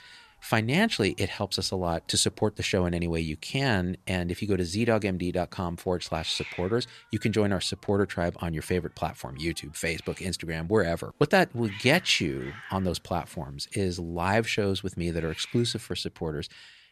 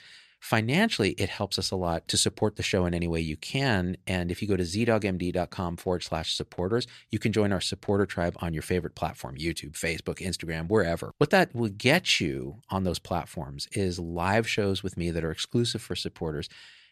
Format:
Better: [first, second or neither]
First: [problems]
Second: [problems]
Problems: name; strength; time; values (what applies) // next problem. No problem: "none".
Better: second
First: hiss; noticeable; throughout; 20 dB below the speech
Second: none